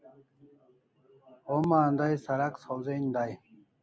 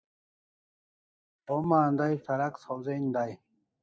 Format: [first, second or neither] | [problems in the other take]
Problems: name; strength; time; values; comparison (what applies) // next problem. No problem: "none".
first | noise reduction (neural mask model DeepFilterNet 3)